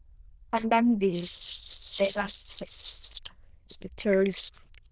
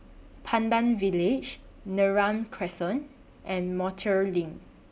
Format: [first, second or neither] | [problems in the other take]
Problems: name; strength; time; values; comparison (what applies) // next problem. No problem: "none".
second | noise reduction (neural diffusion model UNIVERSE++)